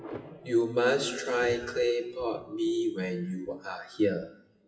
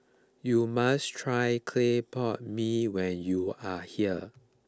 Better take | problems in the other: second | noise reduction (classical method WPE with log-MMSE)

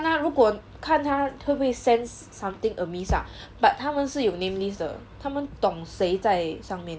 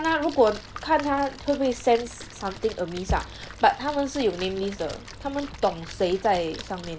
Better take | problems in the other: first | background sound (Splash, splatter); 16 dB below the speech

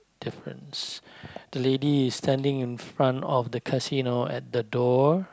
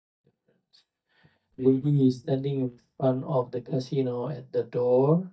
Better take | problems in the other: first | noise reduction (neural mask model DeepFilterNet 3)

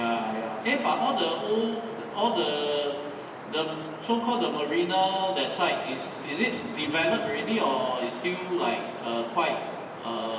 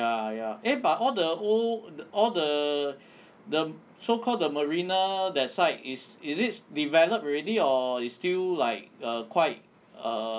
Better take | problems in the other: second | background sound (Wind); 11 dB below the speech // room echo; dies away in 1.3 s

